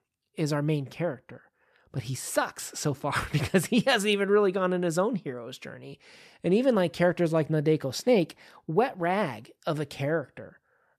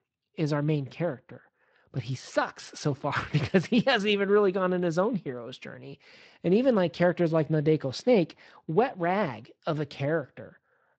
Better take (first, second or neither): first